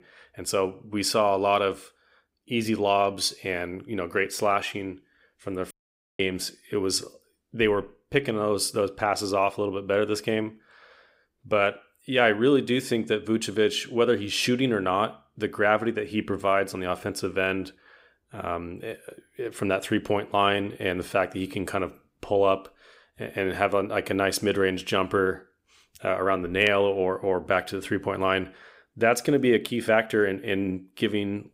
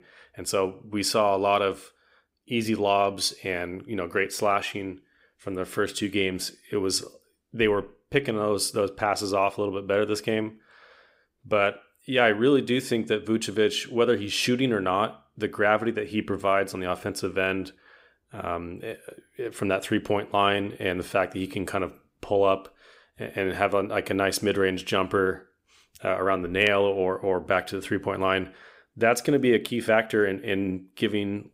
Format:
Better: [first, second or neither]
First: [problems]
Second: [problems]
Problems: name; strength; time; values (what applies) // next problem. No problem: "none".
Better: second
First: audio cutting out; at 5.5 s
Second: none